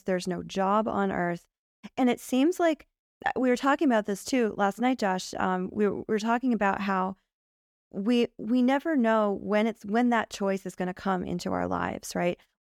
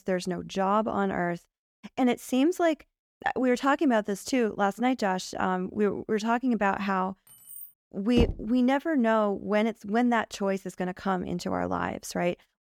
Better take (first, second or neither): first